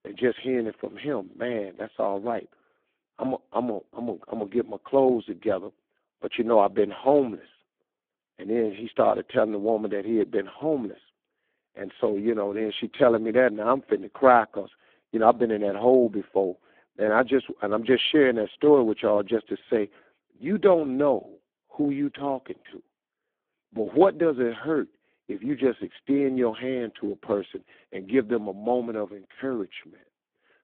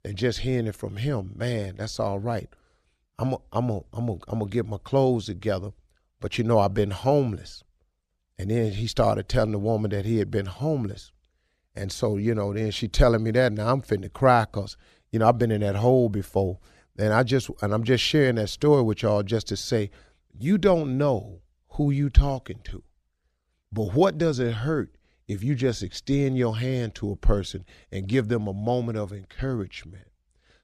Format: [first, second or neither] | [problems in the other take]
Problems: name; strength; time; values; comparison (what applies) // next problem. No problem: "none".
second | phone-call audio; poor line